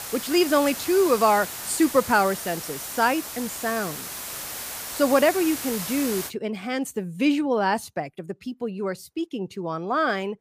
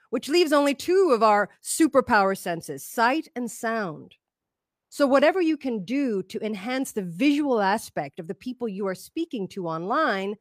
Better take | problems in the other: second | hiss; loud; until 6.5 s; 8 dB below the speech

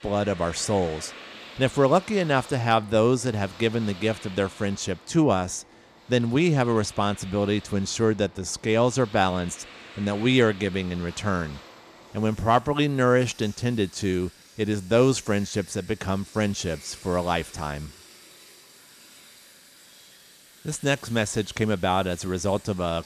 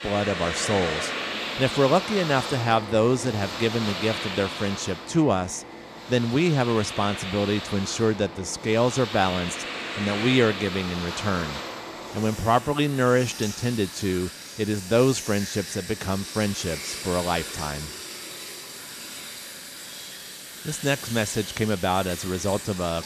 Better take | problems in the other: first | household noises; loud; throughout; 8 dB below the speech; faint in the first

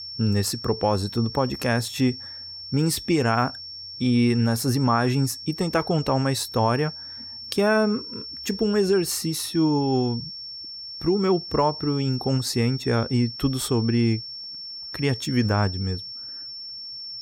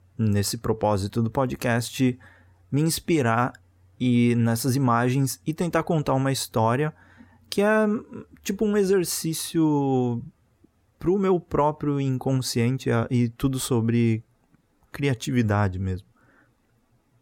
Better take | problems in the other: second | high-pitched whine; noticeable; throughout; 5.5 kHz, 10 dB below the speech

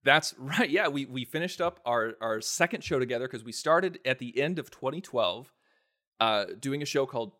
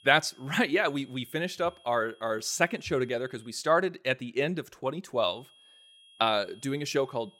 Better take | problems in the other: first | high-pitched whine; faint; until 3.5 s and from 5.5 s on; 3.5 kHz, 30 dB below the speech

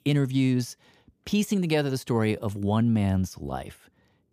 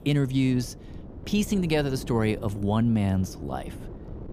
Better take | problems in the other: first | wind noise on the microphone; occasional gusts; 15 dB below the speech

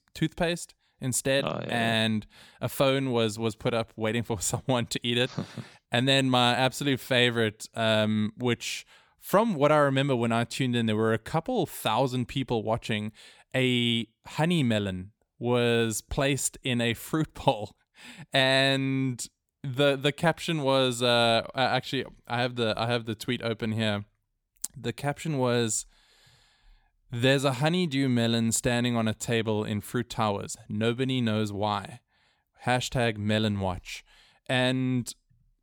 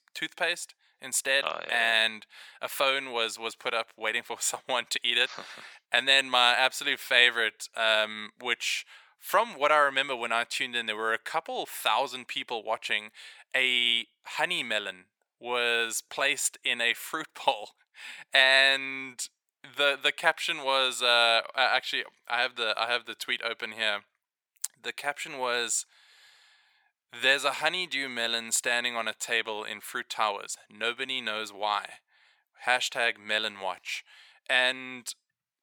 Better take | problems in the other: first | thin; very; fading below 700 Hz

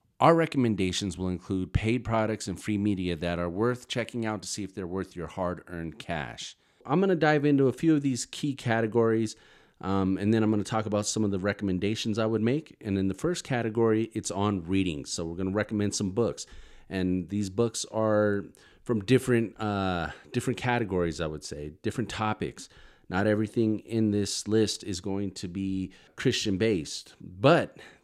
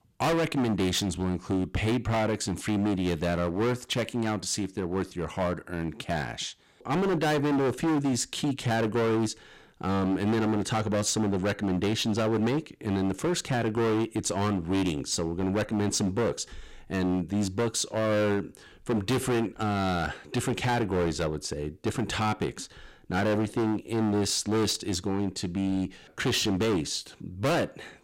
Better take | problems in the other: first | distortion; heavy; 19% of the sound clipped

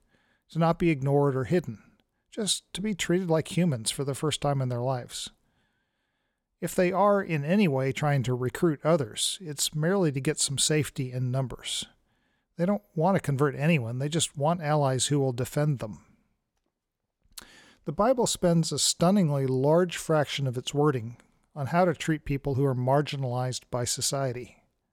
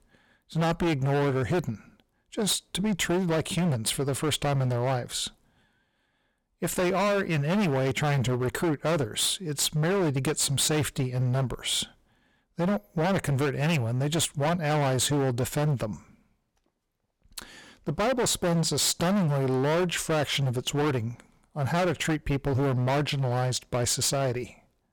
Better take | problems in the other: first | distortion; heavy; 21% of the sound clipped

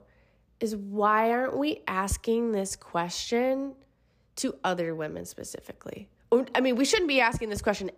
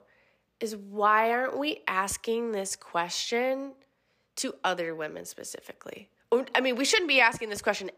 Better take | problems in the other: first | thin; very slightly; fading below 450 Hz

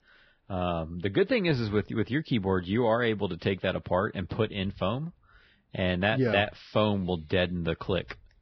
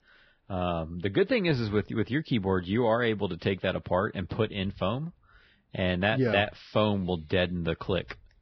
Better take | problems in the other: neither | garbled, watery; badly; nothing above 5.5 kHz; the same in both

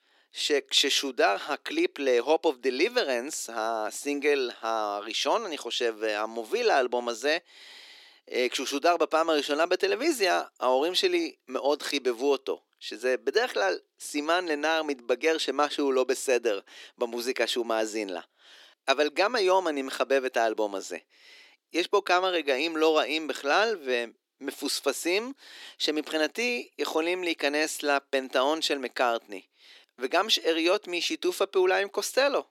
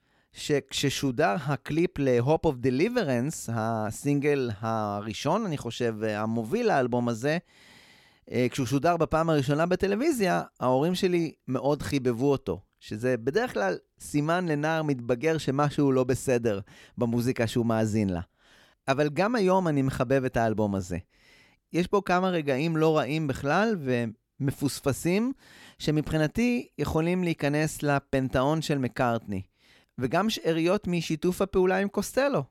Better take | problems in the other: second | thin; somewhat; fading below 300 Hz

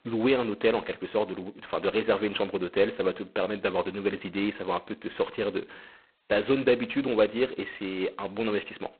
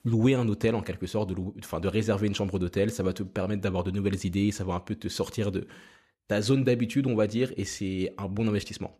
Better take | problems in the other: second | phone-call audio; poor line; nothing above 4 kHz

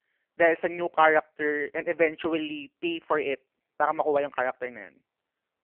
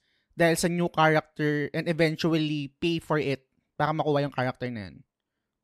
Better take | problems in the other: second | phone-call audio; poor line; nothing above 3 kHz

